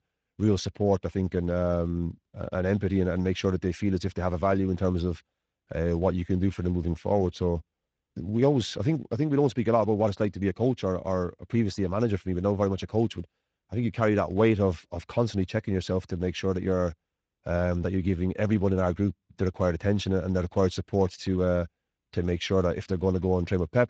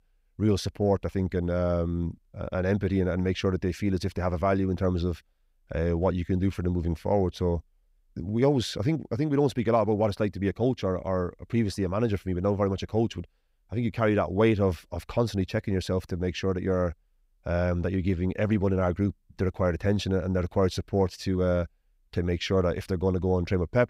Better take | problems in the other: second | garbled, watery; slightly

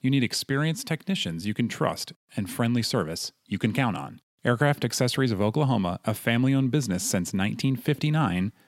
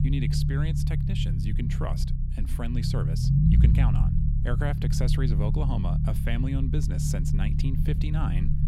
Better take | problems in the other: first | low rumble; loud; throughout; as loud as the speech

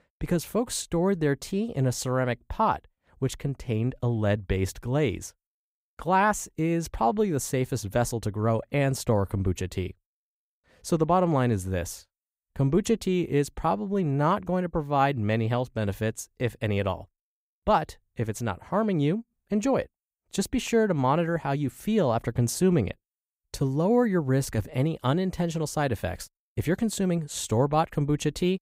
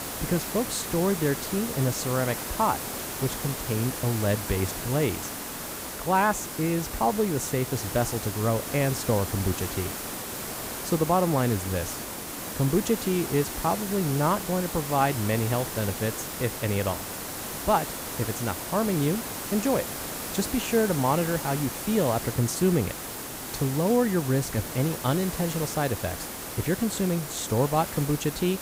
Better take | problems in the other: first | hiss; loud; throughout; 6 dB below the speech

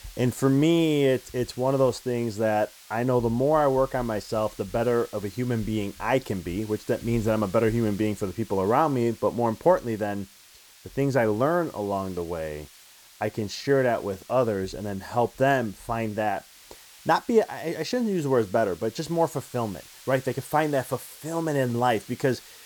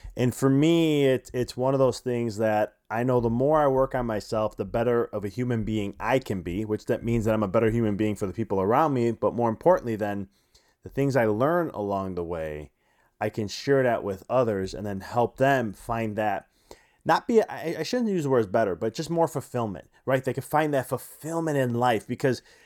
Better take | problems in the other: second | hiss; faint; throughout; 20 dB below the speech

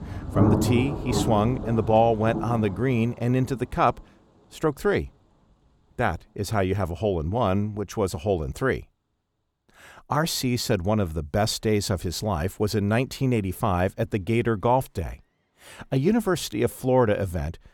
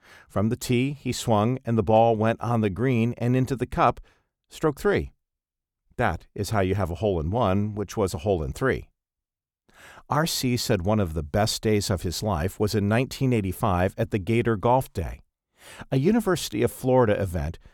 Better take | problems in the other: second | rain or running water; loud; throughout; 3 dB below the speech

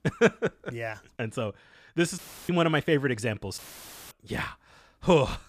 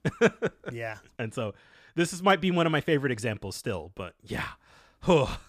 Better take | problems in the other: second | audio cutting out; filled with static; at 2 s and at 3.5 s for 0.5 s

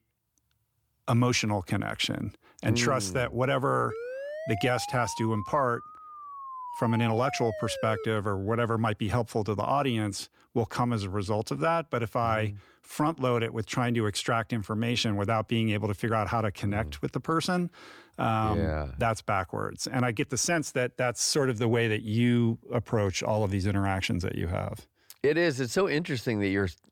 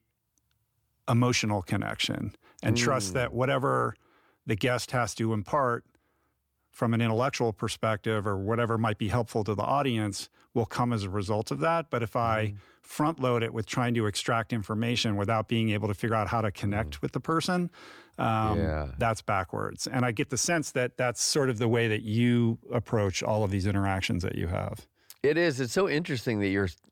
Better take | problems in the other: second | siren; noticeable; from 4 to 8 s; peak 8 dB below the speech

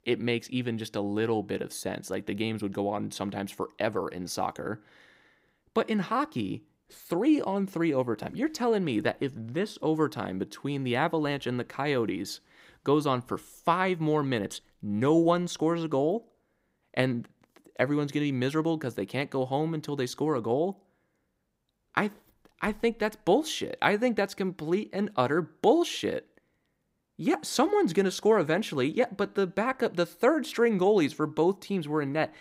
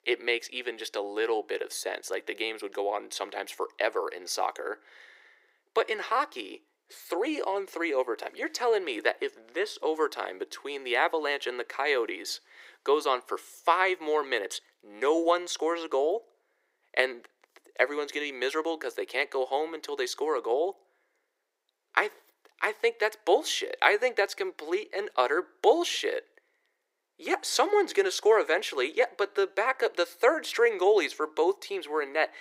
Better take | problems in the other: first | thin; very; fading below 400 Hz

